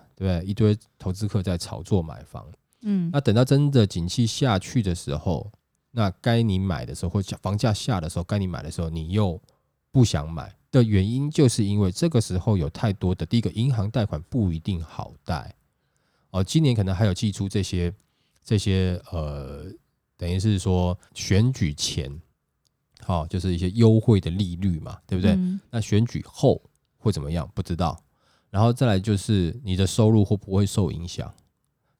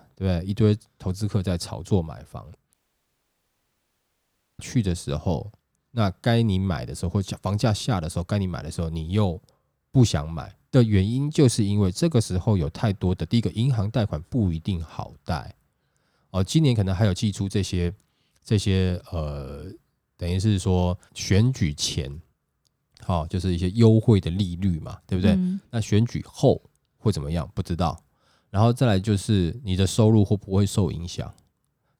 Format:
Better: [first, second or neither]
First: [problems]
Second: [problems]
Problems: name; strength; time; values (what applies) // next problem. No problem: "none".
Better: first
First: none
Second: audio cutting out; at 2.5 s for 2 s